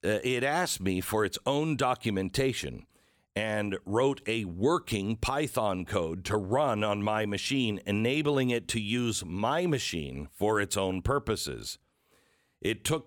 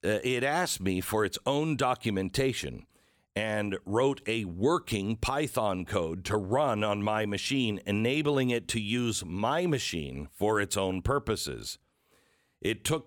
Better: neither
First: none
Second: none

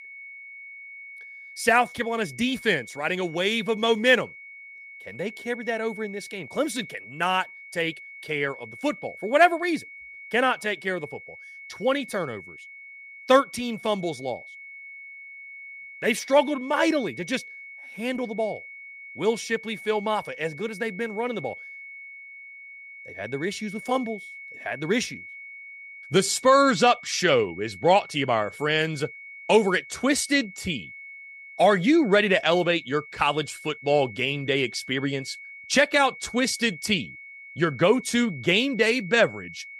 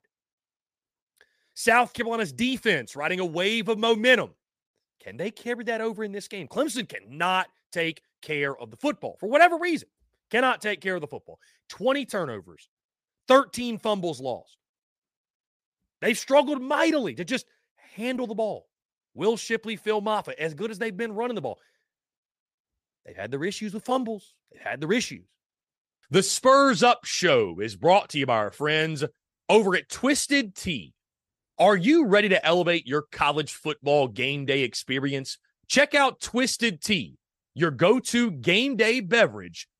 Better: second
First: high-pitched whine; noticeable; throughout; 2 kHz, 15 dB below the speech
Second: none

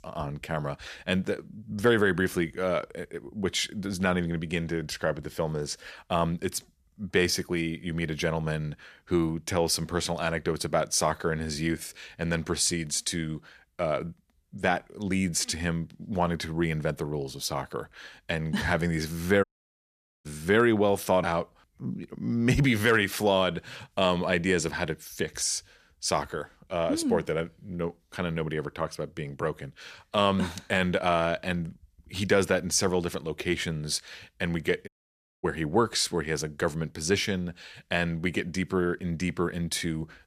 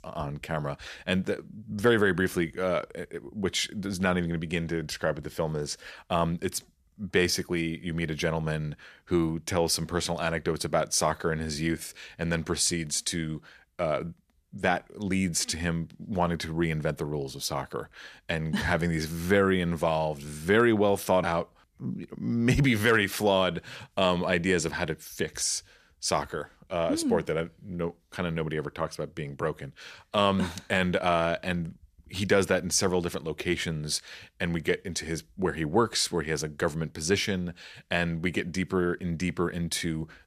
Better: second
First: audio cutting out; at 19 s for 1 s and at 35 s for 0.5 s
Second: none

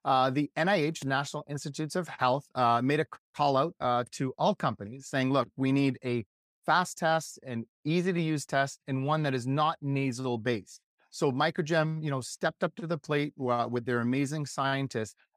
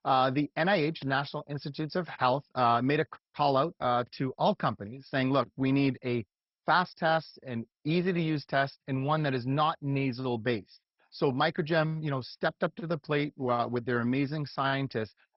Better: first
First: none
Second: garbled, watery; badly; nothing above 5.5 kHz

